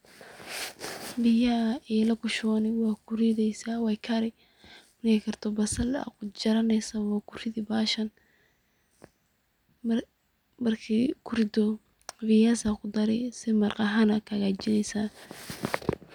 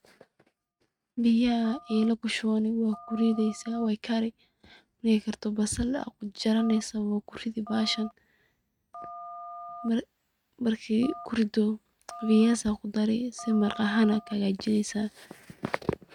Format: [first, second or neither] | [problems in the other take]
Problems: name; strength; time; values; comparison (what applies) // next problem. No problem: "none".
first | noise reduction (neural mask model RNNoise)